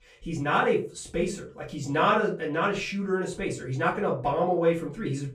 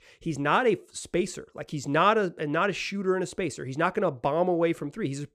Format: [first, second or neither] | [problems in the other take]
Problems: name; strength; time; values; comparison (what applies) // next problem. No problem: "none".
second | off-mic speech; far // room echo; very slight; dies away in 0.3 s